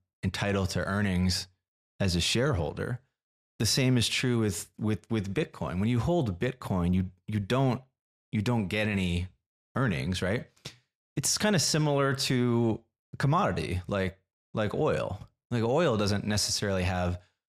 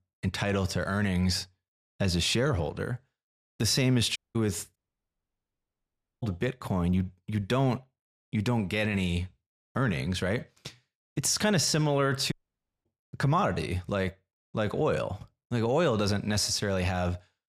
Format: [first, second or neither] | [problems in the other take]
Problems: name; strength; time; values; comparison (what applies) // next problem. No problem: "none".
first | audio cutting out; at 4 s, at 5 s for 1.5 s and at 12 s for 0.5 s